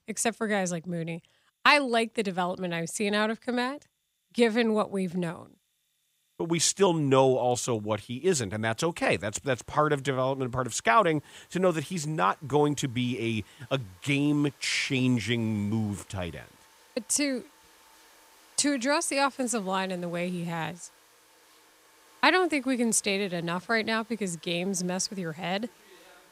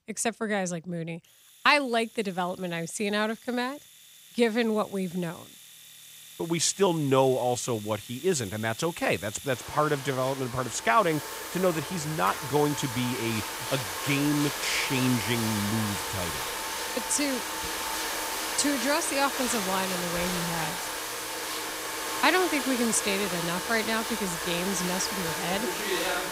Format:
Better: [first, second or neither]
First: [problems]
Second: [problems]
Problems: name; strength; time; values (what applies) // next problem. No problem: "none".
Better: first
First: household noises; faint; throughout; 30 dB below the speech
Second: household noises; loud; throughout; 4 dB below the speech